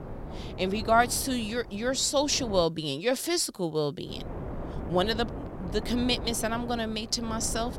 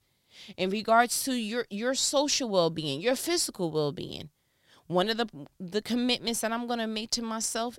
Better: second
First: wind noise on the microphone; occasional gusts; until 2.5 s and from 4 s on; 15 dB below the speech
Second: none

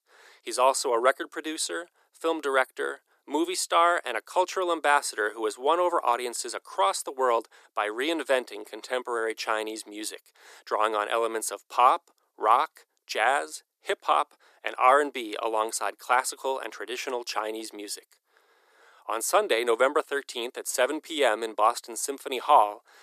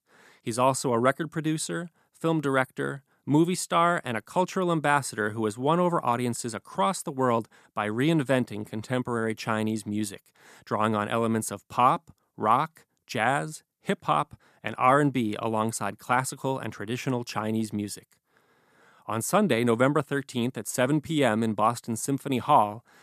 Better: second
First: thin; very; fading below 350 Hz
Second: none

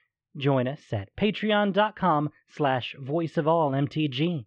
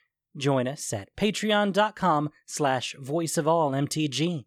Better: second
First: muffled; very; fading above 3 kHz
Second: none

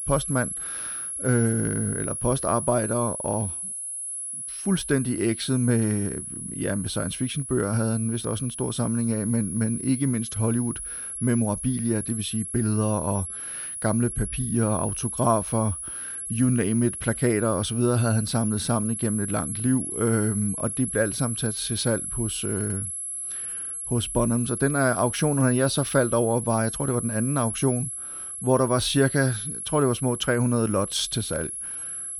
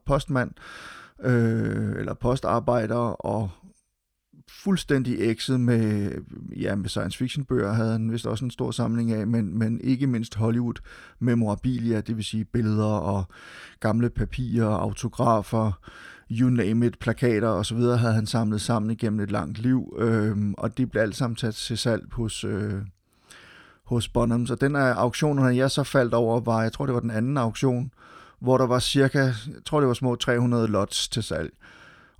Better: second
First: high-pitched whine; loud; throughout; 11 kHz, 5 dB below the speech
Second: none

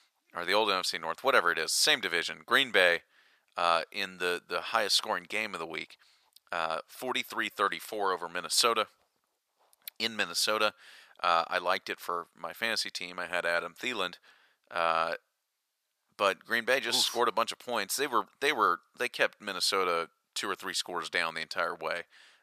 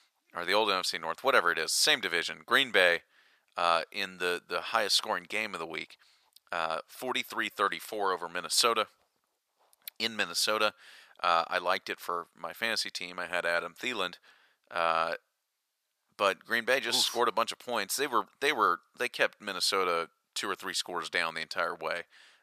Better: neither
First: thin; very; fading below 850 Hz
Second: thin; very; fading below 850 Hz

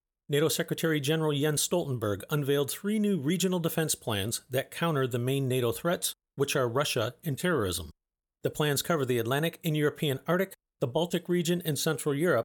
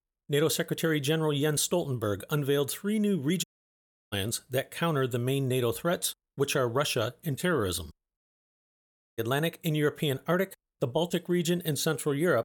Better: first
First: none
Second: audio cutting out; at 3.5 s for 0.5 s and at 8 s for 1 s

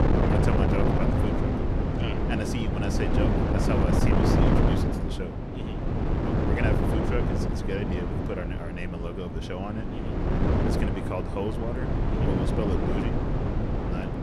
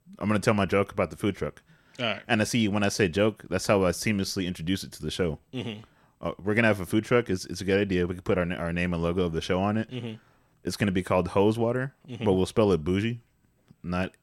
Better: second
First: wind noise on the microphone; heavy; 4 dB above the speech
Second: none

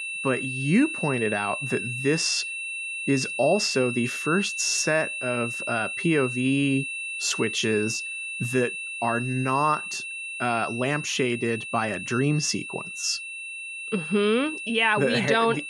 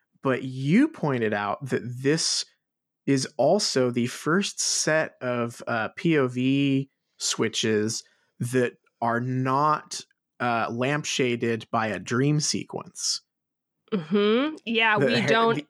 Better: second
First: high-pitched whine; loud; throughout; 2.5 kHz, 5 dB below the speech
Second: none

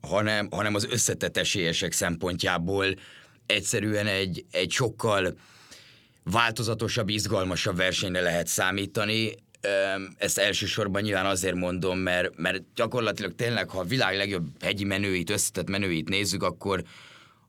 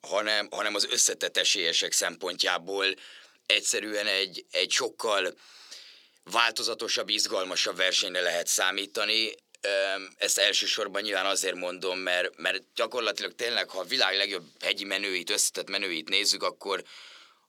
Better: first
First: none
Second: thin; somewhat; fading below 350 Hz

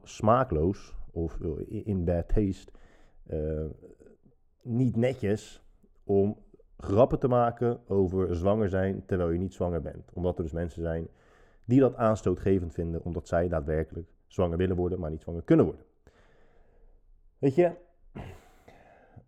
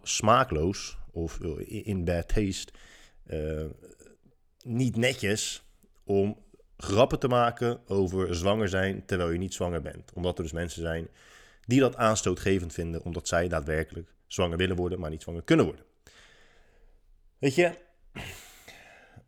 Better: second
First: muffled; very; fading above 1.5 kHz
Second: none

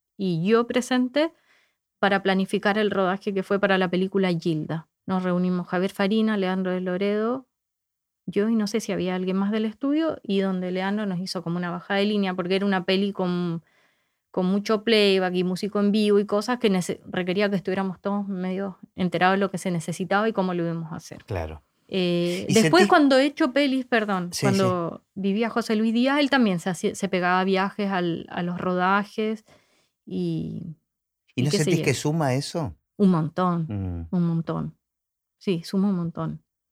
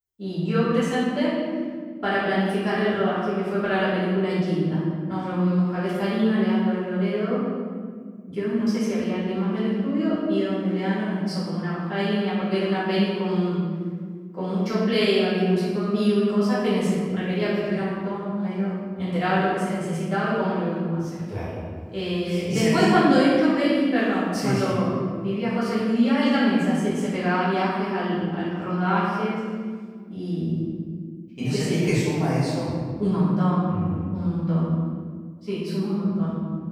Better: first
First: none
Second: room echo; strong; dies away in 1.8 s // off-mic speech; far

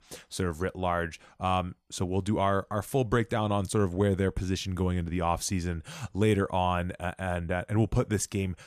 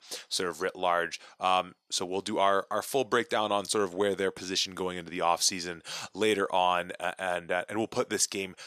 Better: first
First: none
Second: thin; somewhat; fading below 400 Hz

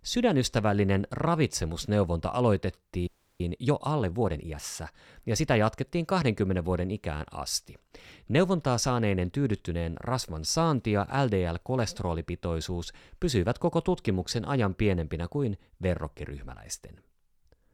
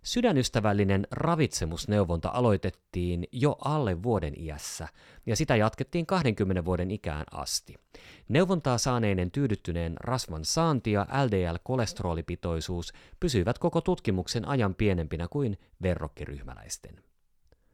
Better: second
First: audio freezing; at 3 s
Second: none

